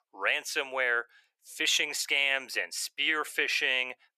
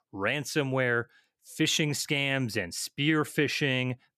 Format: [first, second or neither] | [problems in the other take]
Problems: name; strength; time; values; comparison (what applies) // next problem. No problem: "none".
second | thin; very; fading below 550 Hz